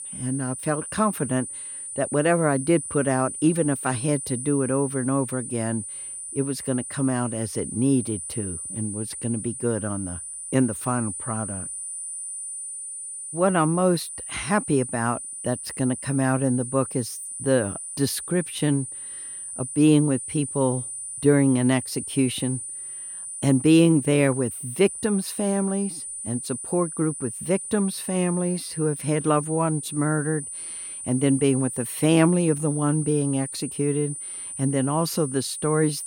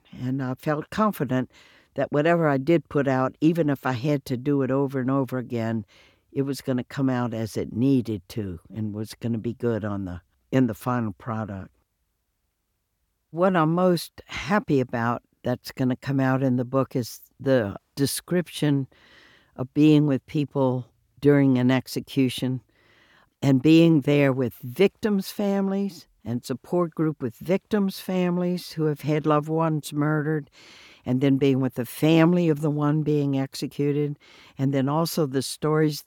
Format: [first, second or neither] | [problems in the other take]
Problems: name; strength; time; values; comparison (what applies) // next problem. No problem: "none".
second | high-pitched whine; loud; throughout; 9.5 kHz, 7 dB below the speech